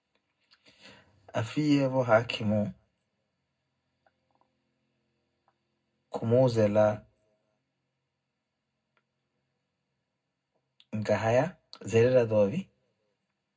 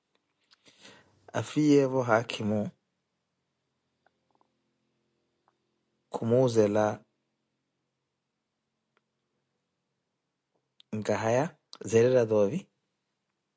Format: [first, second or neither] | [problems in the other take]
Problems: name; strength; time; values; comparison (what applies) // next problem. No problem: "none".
second | room echo; dies away in 0.3 s